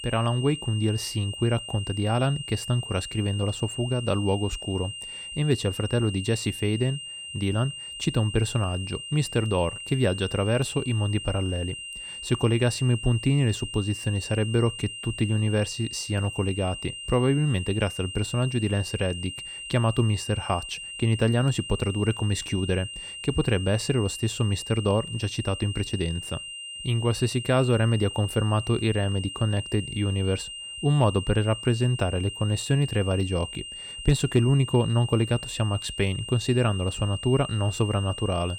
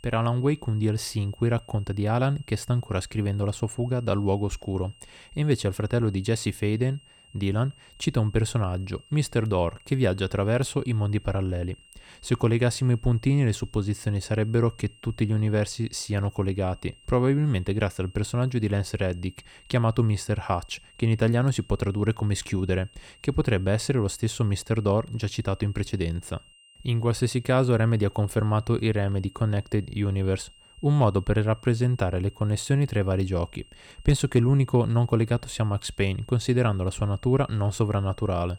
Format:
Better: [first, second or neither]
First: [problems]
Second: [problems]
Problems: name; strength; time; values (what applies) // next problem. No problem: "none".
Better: second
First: high-pitched whine; loud; throughout; 3 kHz, 9 dB below the speech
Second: high-pitched whine; faint; throughout; 3 kHz, 25 dB below the speech